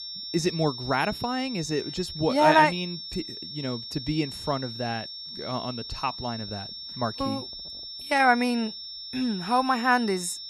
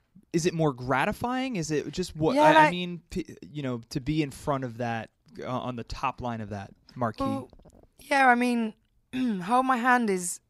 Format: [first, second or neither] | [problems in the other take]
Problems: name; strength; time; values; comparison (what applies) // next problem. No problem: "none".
second | high-pitched whine; loud; throughout; 5.5 kHz, 9 dB below the speech